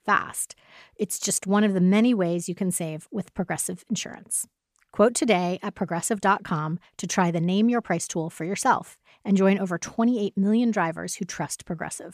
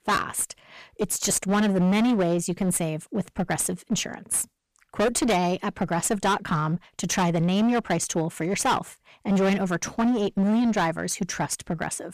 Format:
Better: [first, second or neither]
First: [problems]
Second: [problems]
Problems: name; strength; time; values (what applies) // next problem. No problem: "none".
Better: first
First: none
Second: distortion; heavy; 15% of the sound clipped